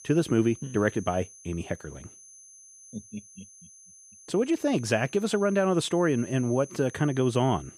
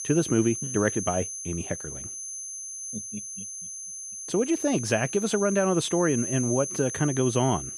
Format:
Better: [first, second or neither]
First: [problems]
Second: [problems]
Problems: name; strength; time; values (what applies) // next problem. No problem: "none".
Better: first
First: high-pitched whine; faint; throughout; 6 kHz, 20 dB below the speech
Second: high-pitched whine; loud; throughout; 6 kHz, 7 dB below the speech